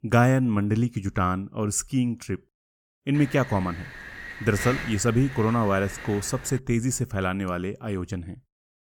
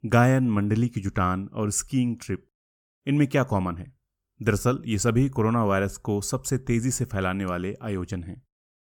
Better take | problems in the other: second | wind noise on the microphone; heavy; from 3 to 6.5 s; 8 dB below the speech

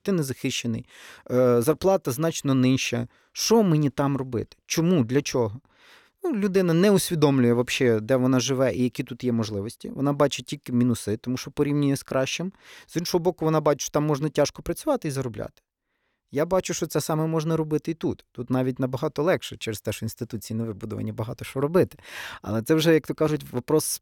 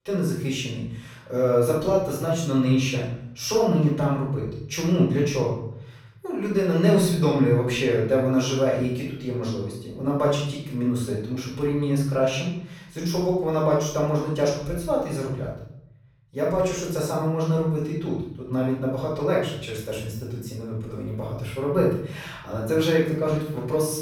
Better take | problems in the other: first | off-mic speech; far // room echo; noticeable; dies away in 0.7 s

